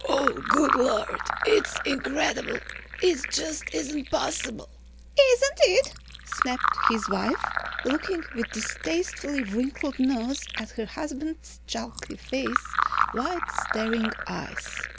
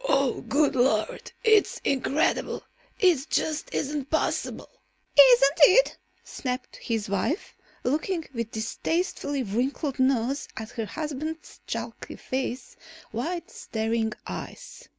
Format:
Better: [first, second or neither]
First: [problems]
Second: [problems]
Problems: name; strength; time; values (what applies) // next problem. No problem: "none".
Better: second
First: background sound (Fill (with liquid)); 4 dB below the speech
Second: none